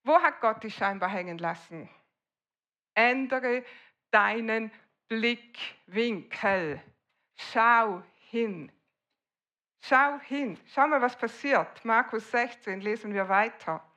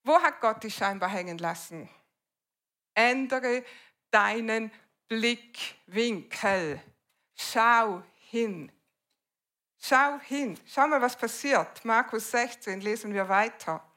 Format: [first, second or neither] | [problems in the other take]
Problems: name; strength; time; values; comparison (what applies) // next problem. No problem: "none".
second | muffled; slightly; fading above 2.5 kHz